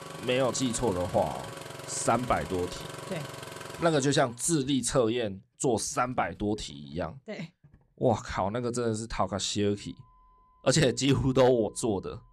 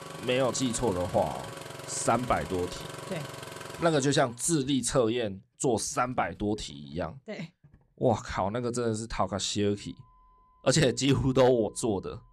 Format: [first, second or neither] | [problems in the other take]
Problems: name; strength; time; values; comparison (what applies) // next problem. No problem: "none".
neither | traffic noise; noticeable; throughout; 15 dB below the speech; the same in both